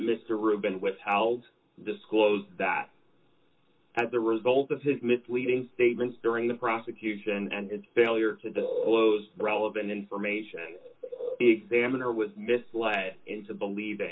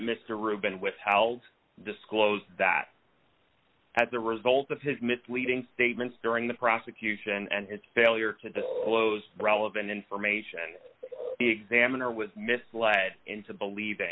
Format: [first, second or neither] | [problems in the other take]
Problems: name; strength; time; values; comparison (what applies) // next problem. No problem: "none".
second | room echo; dies away in 0.2 s